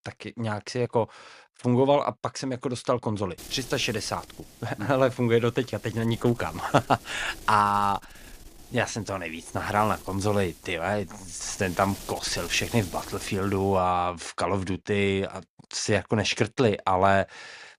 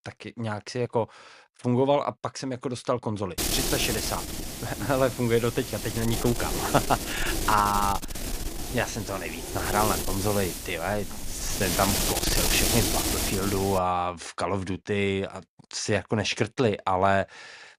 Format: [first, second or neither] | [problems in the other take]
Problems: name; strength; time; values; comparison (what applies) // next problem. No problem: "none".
first | wind noise on the microphone; heavy; from 3.5 to 14 s; 4 dB below the speech; occasional gusts in the first